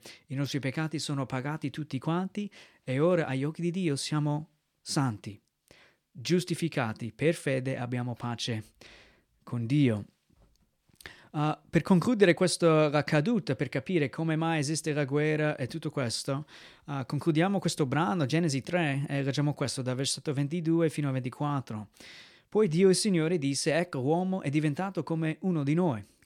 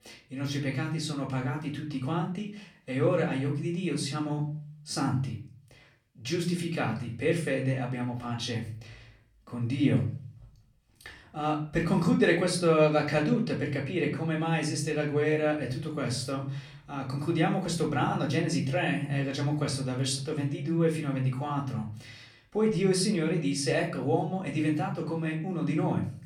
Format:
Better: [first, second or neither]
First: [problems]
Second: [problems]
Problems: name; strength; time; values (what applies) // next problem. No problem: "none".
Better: first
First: none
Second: room echo; slight; dies away in 0.5 s // off-mic speech; far